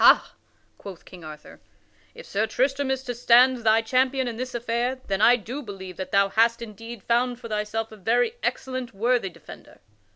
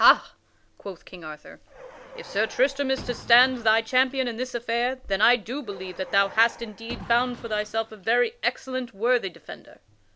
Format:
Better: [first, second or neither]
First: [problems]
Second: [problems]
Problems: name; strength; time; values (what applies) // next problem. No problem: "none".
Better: first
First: none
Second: background sound (Car); 18 dB below the speech